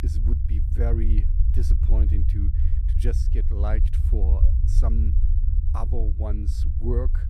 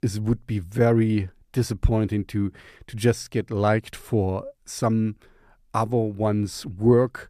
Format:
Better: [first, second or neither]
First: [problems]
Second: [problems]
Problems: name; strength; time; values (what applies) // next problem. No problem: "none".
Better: second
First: low rumble; loud; throughout; 4 dB below the speech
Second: none